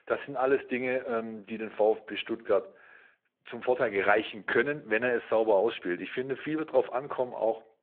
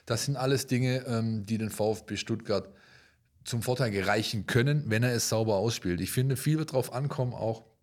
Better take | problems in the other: second | phone-call audio

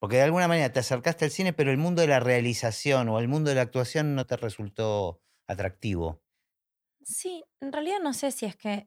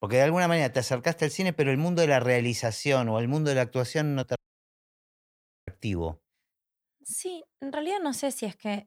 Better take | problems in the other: first | audio cutting out; at 4.5 s for 1.5 s

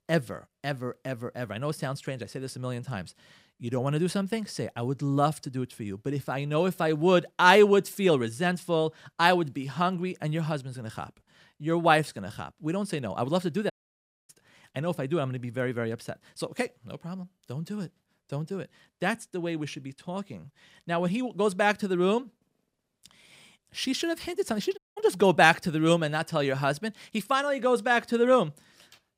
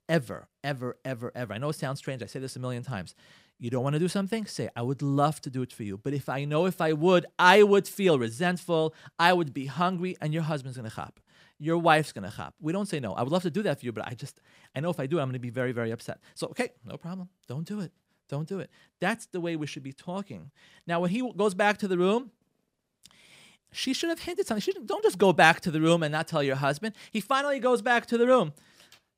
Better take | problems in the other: second | audio cutting out; at 14 s for 0.5 s and at 25 s

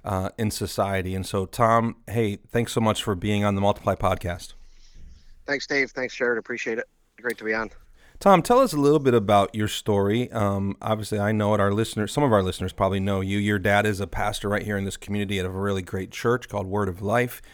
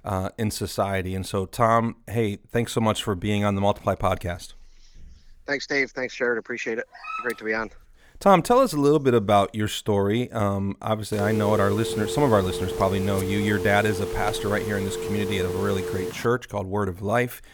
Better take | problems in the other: first | dog barking; noticeable; at 7 s; peak 9 dB below the speech // phone ringing; noticeable; from 11 to 16 s; peak 4 dB below the speech

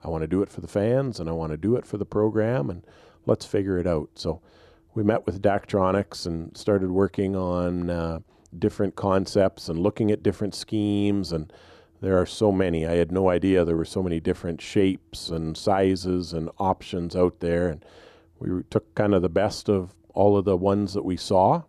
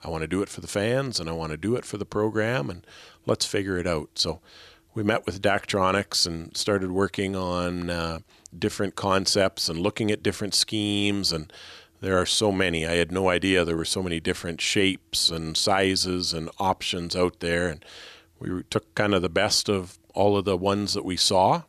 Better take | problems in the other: second | muffled; slightly; fading above 1.5 kHz

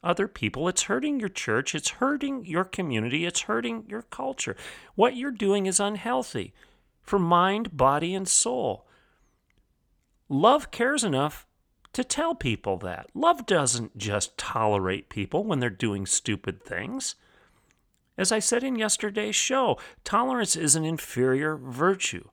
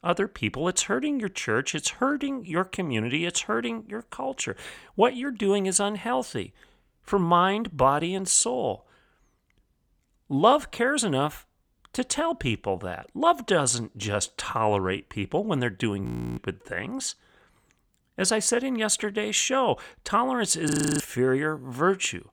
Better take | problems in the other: first | audio freezing; at 16 s and at 21 s

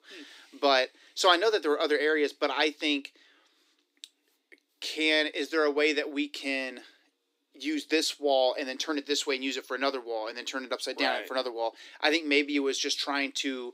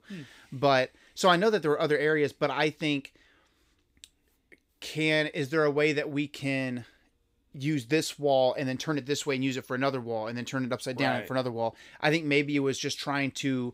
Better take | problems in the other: second | thin; very slightly; fading below 300 Hz

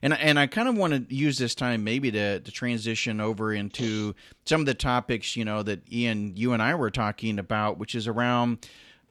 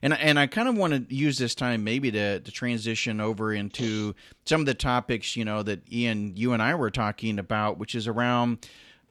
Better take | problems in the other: neither | none

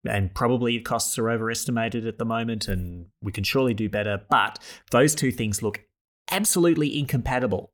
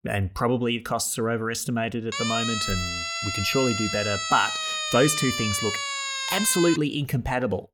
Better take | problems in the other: first | siren; noticeable; from 2 to 7 s; peak 1 dB below the speech

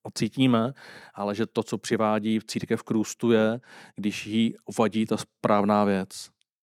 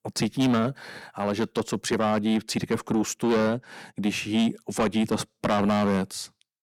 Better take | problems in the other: first | distortion; heavy; 8 dB below the speech

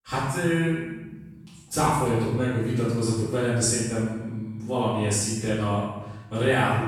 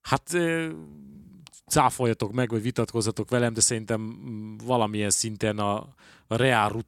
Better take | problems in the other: second | room echo; strong; dies away in 1.1 s // off-mic speech; far

